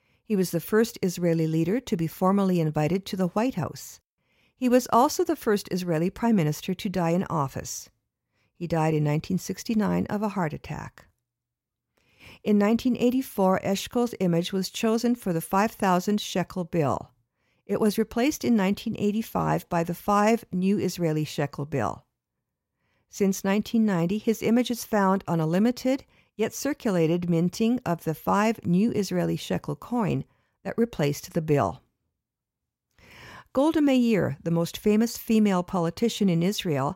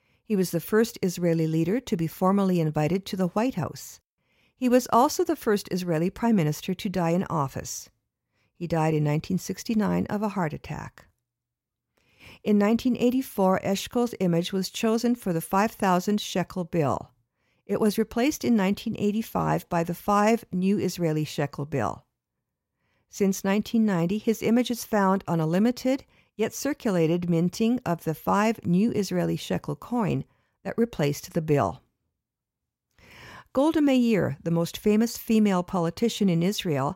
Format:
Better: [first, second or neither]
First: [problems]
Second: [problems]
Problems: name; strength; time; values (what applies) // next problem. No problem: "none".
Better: neither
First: none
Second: none